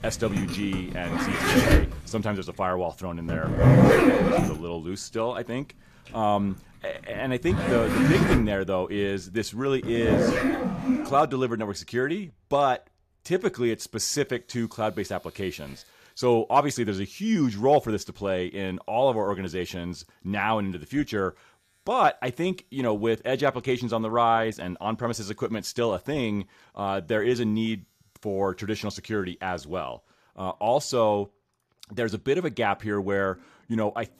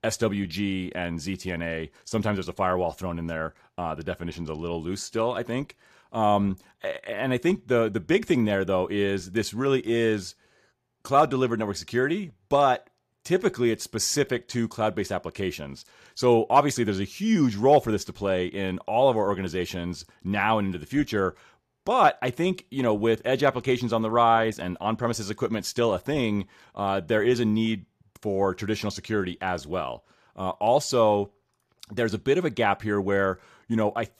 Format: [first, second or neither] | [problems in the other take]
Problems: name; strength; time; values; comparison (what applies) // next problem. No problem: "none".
second | household noises; very loud; throughout; 4 dB above the speech